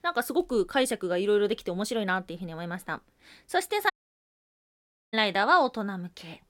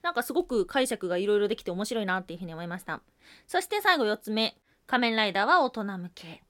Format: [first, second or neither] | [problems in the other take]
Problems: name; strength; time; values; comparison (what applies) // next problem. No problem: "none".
second | audio cutting out; at 4 s for 1 s